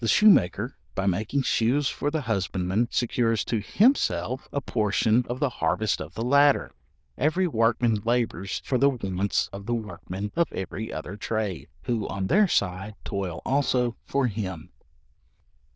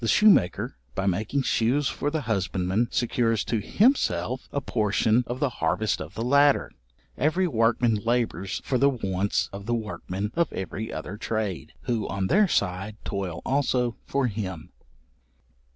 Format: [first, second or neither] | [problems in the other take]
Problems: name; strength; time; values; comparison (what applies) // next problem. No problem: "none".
second | noise reduction (neural diffusion model UNIVERSE++)